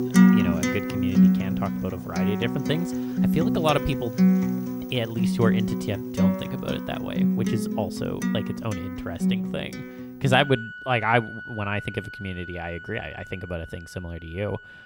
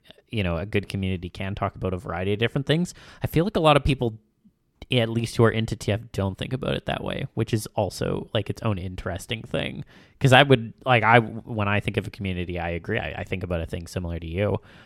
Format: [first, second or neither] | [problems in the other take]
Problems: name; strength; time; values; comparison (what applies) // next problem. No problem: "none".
second | background music; very loud; throughout; 4 dB above the speech